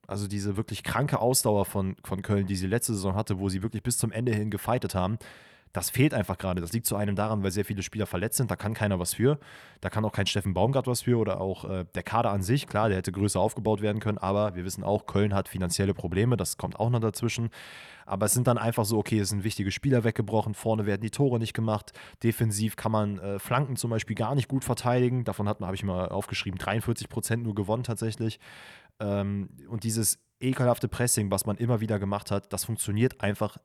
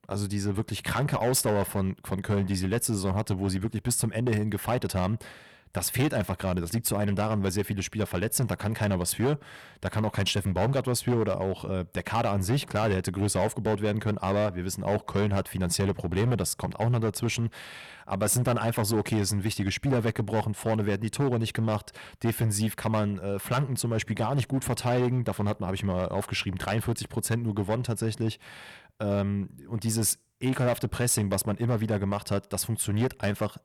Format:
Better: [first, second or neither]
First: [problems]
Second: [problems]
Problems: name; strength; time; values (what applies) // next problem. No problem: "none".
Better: first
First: none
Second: distortion; slight; 8% of the sound clipped